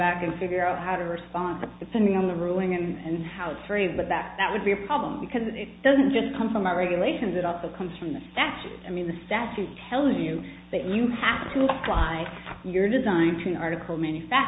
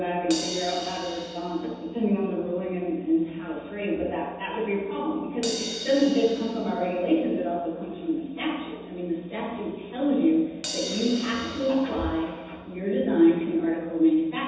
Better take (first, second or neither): first